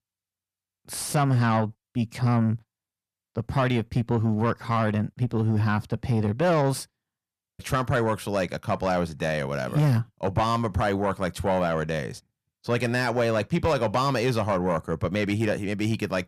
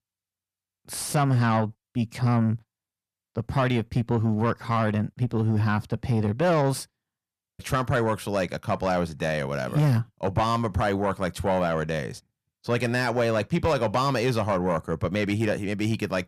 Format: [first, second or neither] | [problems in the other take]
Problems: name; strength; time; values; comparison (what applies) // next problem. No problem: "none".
neither | distortion; slight; 10 dB below the speech; the same in both